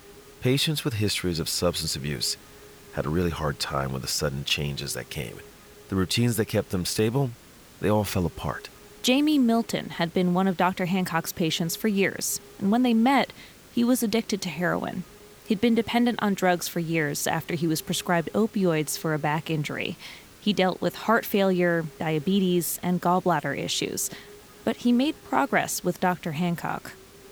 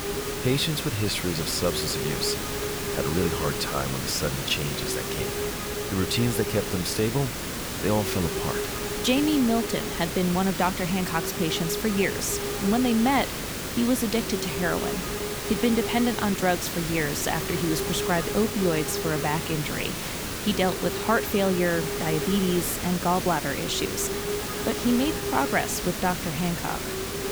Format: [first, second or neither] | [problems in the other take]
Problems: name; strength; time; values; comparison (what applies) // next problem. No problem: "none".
first | hiss; loud; throughout; 3 dB below the speech; faint in the first